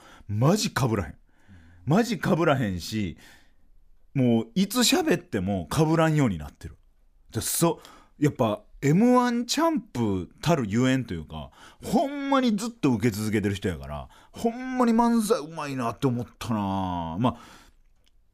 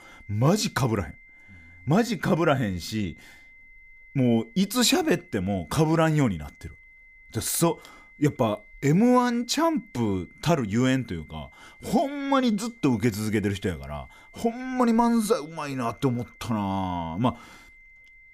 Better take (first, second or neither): first